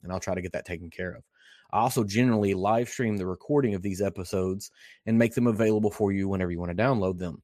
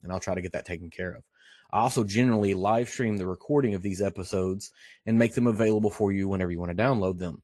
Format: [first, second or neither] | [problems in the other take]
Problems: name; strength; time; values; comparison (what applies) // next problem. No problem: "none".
first | garbled, watery; slightly; nothing above 11.5 kHz